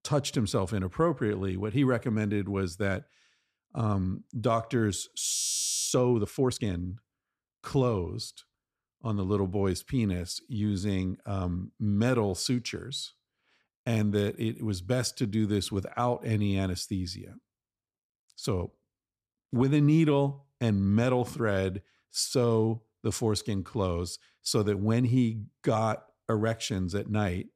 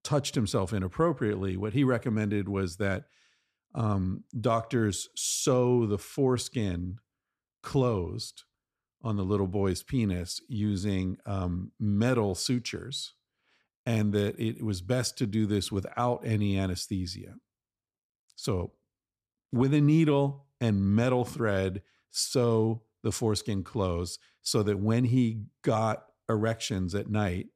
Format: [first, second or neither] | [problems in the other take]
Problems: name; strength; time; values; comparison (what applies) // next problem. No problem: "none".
second | audio freezing; at 5.5 s for 0.5 s